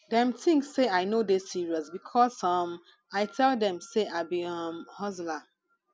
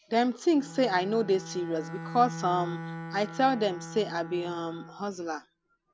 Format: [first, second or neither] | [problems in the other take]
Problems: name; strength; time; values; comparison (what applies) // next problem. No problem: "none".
first | background sound (Bowed string instrument); 12 dB below the speech